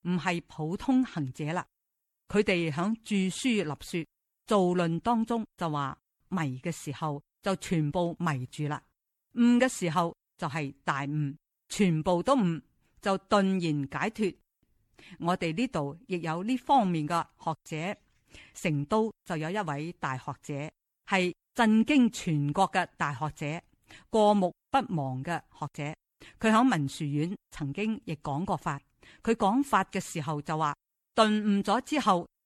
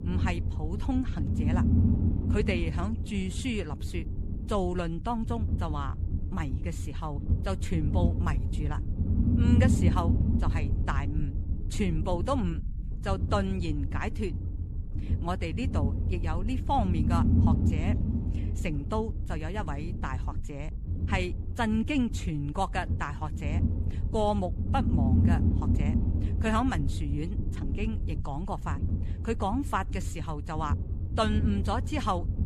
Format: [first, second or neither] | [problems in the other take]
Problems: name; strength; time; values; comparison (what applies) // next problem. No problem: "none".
first | low rumble; loud; throughout; 7 dB below the speech